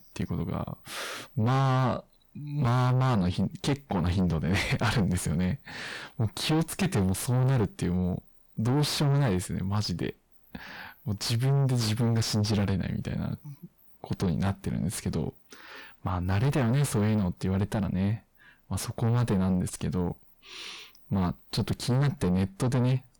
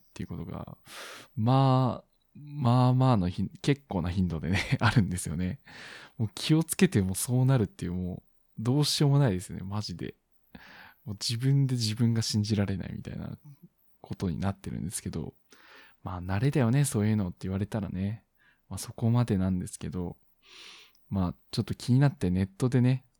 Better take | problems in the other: second | distortion; heavy; 4 dB below the speech

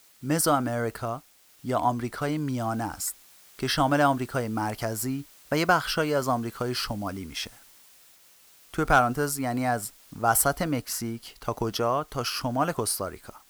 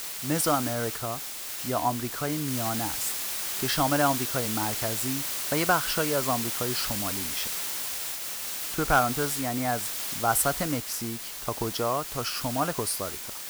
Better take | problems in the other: first | hiss; loud; throughout; 1 dB below the speech; faint in the first

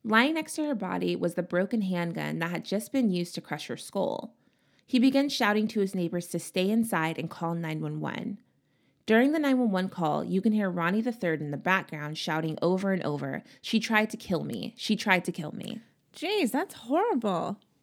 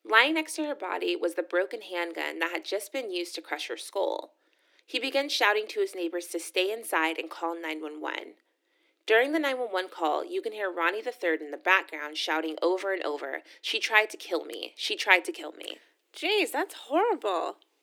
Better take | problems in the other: first | thin; very; fading below 300 Hz

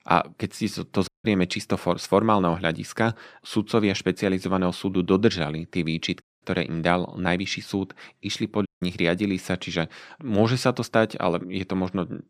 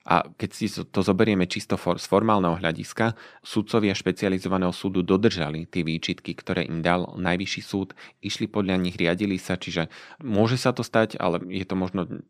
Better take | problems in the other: second | audio cutting out; at 1 s, at 6 s and at 8.5 s

